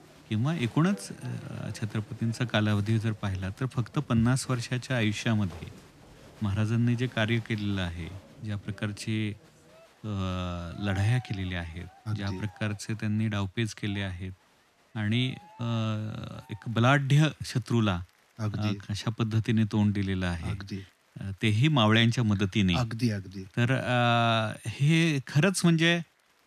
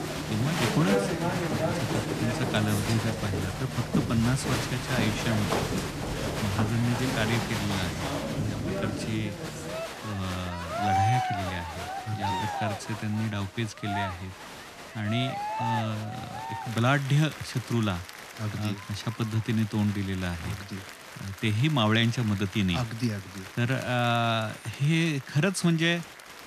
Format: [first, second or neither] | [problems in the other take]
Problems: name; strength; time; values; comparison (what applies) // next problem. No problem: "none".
first | crowd noise; loud; throughout; 3 dB below the speech; faint in the first